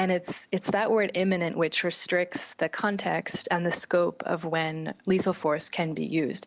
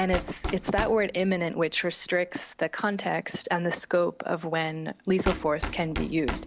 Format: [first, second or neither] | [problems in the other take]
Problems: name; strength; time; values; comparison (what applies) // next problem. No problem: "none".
first | background sound (Knock); 10 dB below the speech